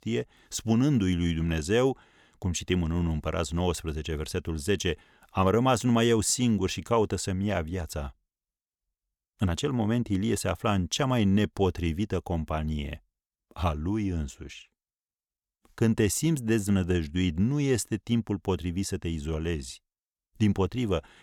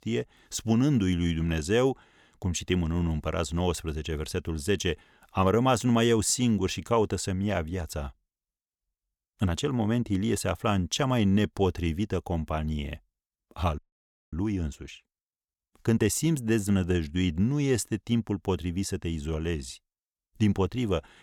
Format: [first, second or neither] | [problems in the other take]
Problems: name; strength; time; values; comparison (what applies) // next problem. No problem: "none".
first | audio freezing; at 14 s for 0.5 s